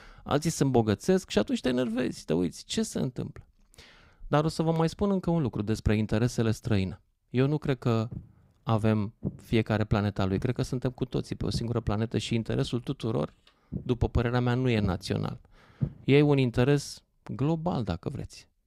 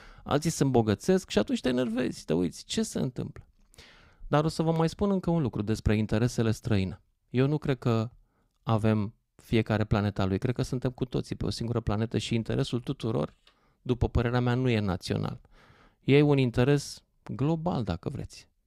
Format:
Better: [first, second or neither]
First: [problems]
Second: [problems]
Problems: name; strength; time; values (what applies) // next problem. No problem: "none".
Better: second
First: footsteps; noticeable; from 8 to 16 s; peak 7 dB below the speech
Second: none